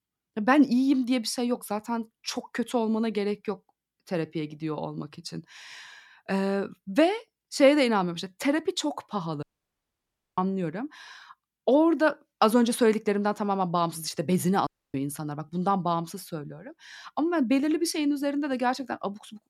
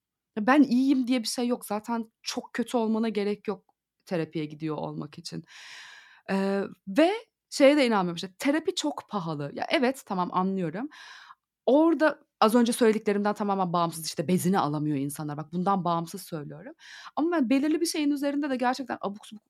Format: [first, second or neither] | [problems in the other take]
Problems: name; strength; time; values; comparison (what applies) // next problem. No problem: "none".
second | audio cutting out; at 9.5 s for 1 s and at 15 s